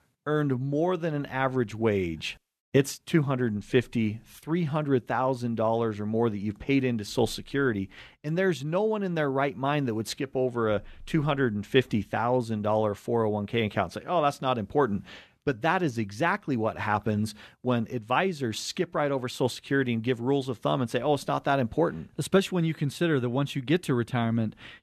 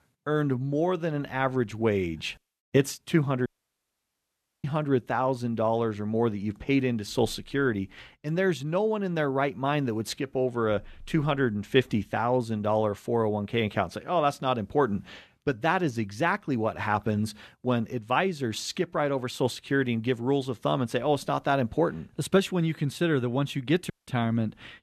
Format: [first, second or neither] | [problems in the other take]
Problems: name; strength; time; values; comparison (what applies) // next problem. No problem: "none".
first | audio cutting out; at 3.5 s for 1 s and at 24 s